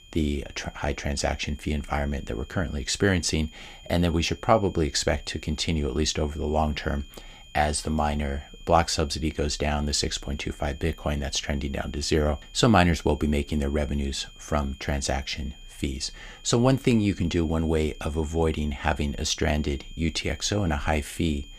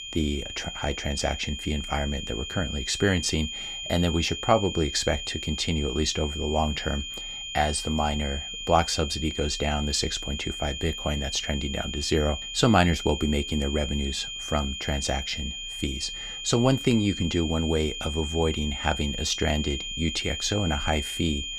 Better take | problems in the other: first | high-pitched whine; loud; throughout; 3 kHz, 6 dB below the speech; faint in the first

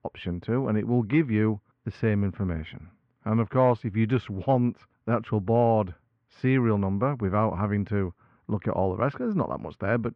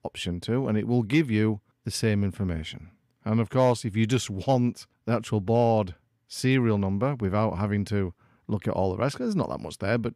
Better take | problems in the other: second | muffled; very; fading above 2 kHz

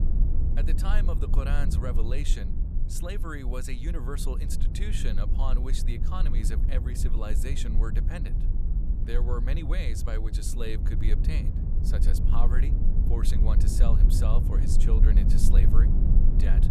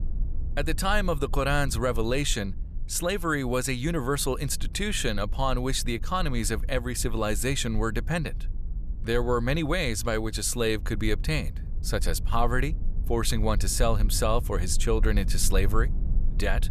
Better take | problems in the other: second | low rumble; loud; throughout; 4 dB below the speech; faint in the second

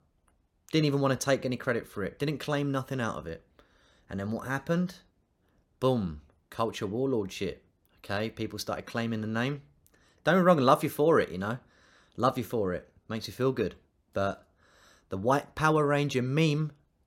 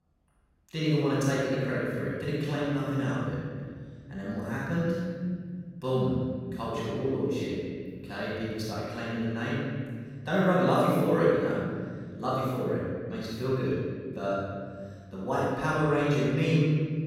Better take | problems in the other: first | off-mic speech; far // room echo; strong; dies away in 2.3 s

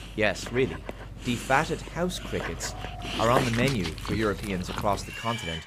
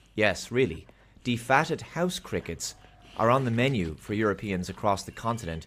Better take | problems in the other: second | animal sounds; loud; throughout; 6 dB below the speech; faint in the second

